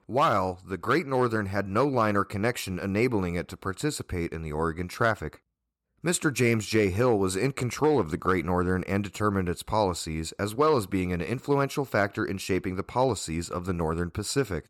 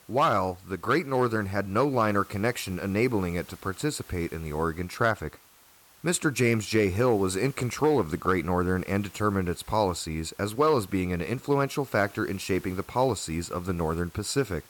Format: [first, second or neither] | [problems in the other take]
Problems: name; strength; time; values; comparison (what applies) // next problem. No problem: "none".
first | hiss; faint; throughout; 25 dB below the speech